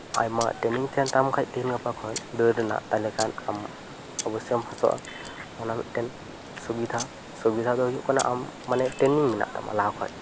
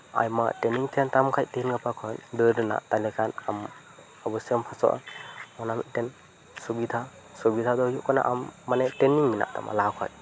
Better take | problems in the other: second | background sound (Camera + Stream); 12 dB below the speech

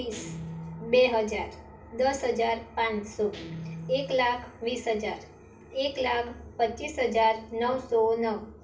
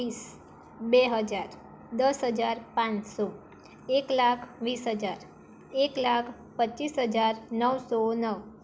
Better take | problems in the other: second | background sound (Guitar); 15 dB below the speech // room echo; dies away in 0.3 s

